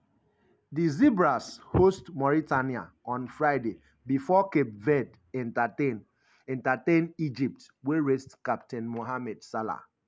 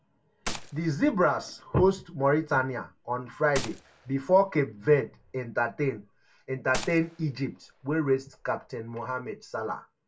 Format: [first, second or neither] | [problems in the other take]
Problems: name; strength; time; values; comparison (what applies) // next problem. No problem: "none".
first | background sound (Gunshot, gunfire); 15 dB below the speech // room echo; dies away in 0.2 s